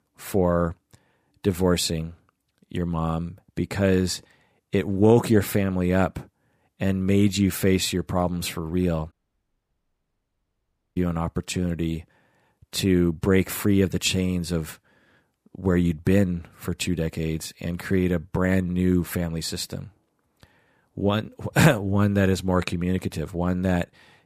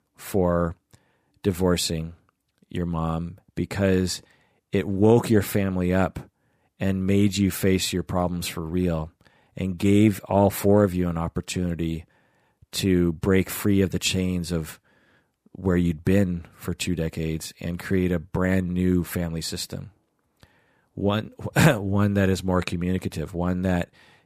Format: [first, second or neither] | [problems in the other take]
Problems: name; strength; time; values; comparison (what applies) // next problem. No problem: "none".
second | audio cutting out; at 9 s for 2 s